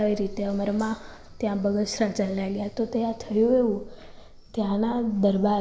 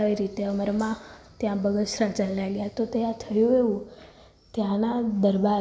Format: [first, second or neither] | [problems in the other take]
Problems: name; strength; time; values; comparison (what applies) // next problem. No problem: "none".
second | background sound (Livestock, farm animals, working animals); 18 dB below the speech